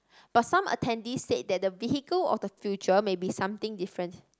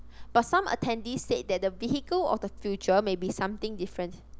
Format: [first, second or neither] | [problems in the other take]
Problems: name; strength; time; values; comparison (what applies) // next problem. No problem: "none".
first | background sound (Engine); 15 dB below the speech